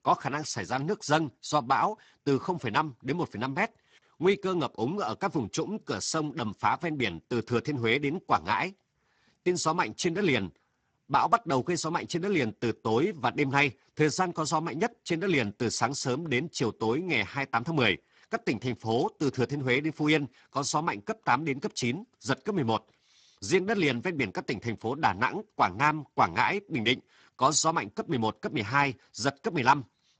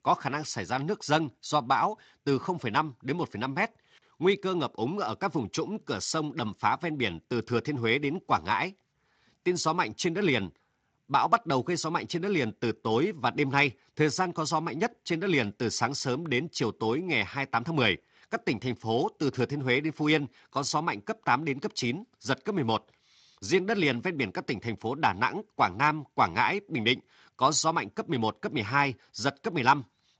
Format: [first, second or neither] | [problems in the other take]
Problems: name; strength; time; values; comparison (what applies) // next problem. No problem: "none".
second | garbled, watery; badly; nothing above 7.5 kHz; slightly in the second